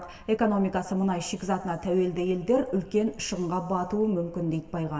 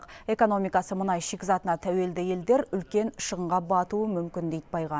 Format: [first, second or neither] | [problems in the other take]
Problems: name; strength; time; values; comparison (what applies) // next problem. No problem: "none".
second | room echo; dies away in 1.9 s